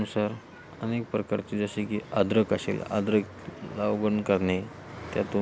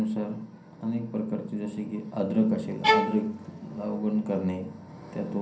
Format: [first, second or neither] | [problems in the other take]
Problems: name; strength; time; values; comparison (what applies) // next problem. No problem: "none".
first | background sound (Bowed string instrument); 3 dB above the speech // room echo; dies away in 0.6 s